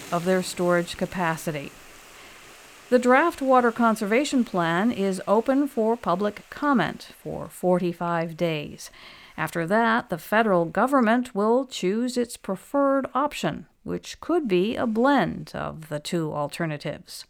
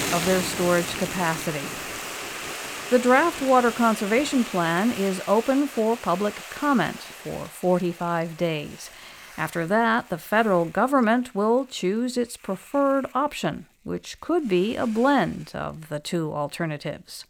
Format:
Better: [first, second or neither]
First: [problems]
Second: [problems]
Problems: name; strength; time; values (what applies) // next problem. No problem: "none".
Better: first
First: hiss; faint; throughout; 25 dB below the speech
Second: hiss; loud; throughout; 9 dB below the speech